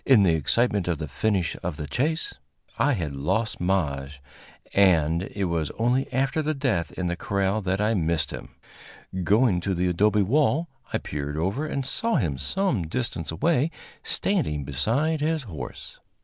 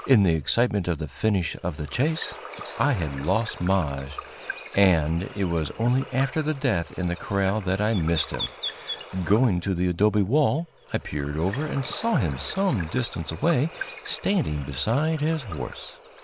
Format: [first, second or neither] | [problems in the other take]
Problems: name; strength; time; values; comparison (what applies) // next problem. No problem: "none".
first | background sound (Water / Bird); 15 dB below the speech